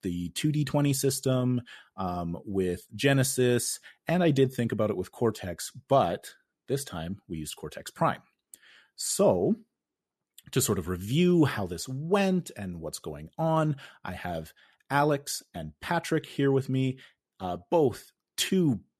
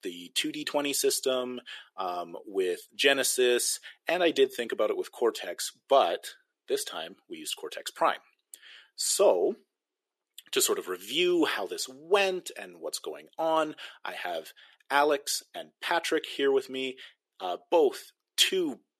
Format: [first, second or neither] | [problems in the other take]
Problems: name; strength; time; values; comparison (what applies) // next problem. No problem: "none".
first | thin; very; fading below 350 Hz